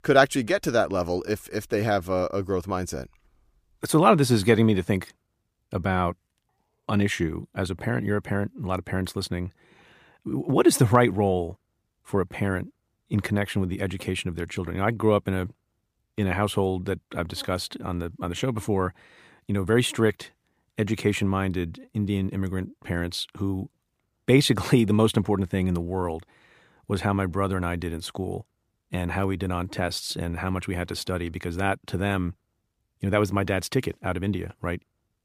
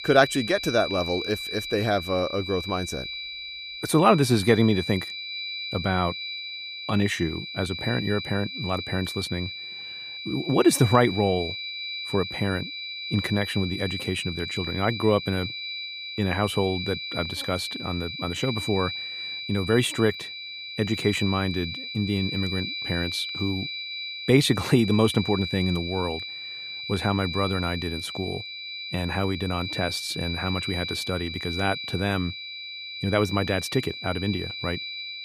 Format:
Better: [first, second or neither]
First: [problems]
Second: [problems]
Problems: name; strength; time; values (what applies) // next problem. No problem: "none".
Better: first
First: none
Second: high-pitched whine; loud; throughout; 4 kHz, 6 dB below the speech